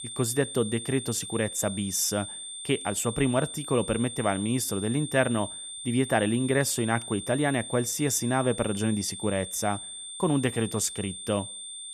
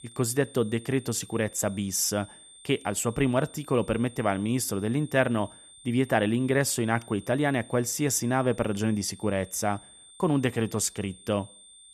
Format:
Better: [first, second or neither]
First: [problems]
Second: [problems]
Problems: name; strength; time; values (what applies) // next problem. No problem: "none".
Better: second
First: high-pitched whine; loud; throughout; 8.5 kHz, 8 dB below the speech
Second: high-pitched whine; faint; throughout; 8.5 kHz, 20 dB below the speech